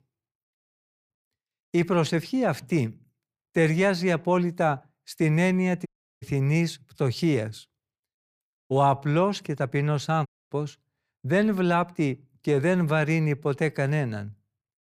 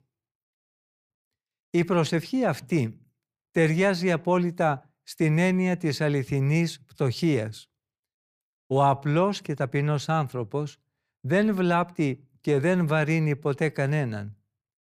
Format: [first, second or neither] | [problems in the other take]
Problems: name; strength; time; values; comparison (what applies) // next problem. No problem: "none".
second | audio cutting out; at 6 s and at 10 s